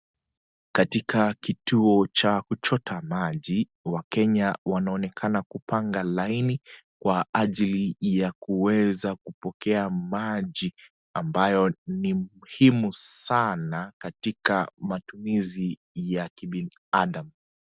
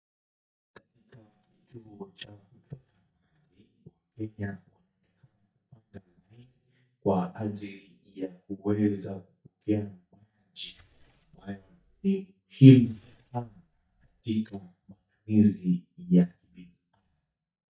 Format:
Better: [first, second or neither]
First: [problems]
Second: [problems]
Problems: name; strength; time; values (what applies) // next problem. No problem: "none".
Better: first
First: none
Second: noise reduction (neural mask model DeepFilterNet 3)